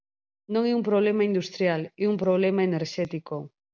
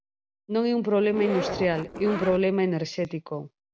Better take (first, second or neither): first